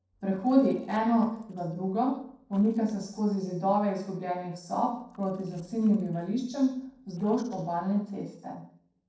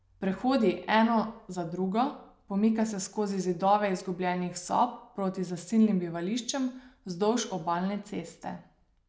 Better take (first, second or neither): second